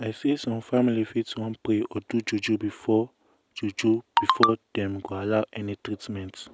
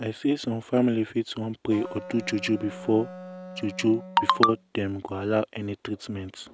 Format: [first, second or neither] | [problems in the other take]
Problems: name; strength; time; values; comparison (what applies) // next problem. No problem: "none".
first | background sound (Wind instrument, woodwind instrument); 15 dB below the speech